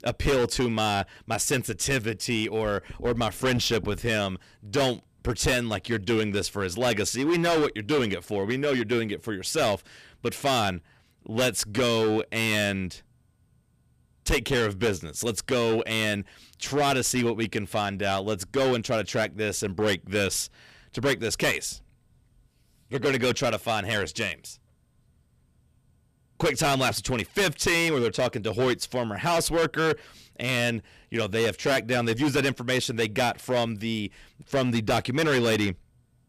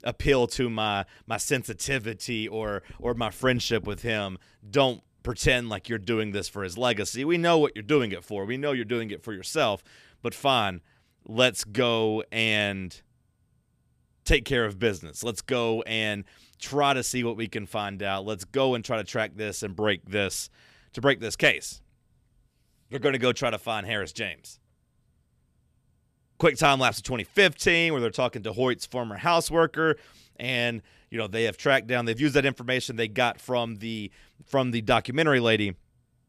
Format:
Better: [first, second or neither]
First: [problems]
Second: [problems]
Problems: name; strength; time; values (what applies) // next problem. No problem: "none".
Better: second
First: distortion; heavy; 11% of the sound clipped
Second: none